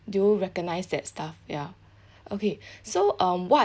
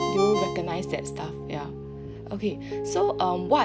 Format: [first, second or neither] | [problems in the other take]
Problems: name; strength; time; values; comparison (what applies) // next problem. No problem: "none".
first | background sound (Piano + Ringtone); 4 dB below the speech